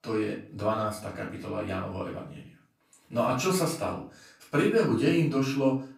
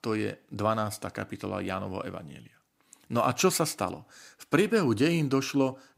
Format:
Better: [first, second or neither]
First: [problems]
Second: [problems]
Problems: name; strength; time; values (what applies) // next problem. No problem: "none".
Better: second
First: room echo; slight; dies away in 0.4 s // off-mic speech; far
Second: none